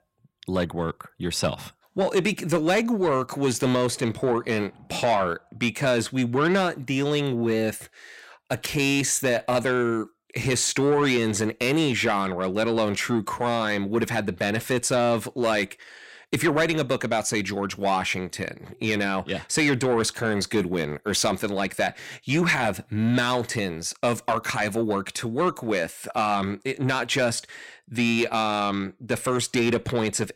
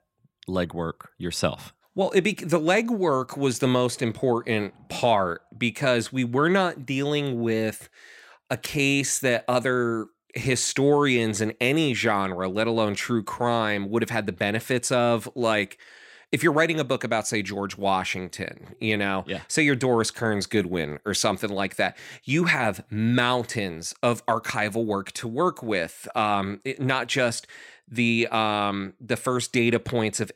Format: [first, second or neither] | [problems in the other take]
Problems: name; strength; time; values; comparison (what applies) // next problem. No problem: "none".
second | distortion; slight; 10 dB below the speech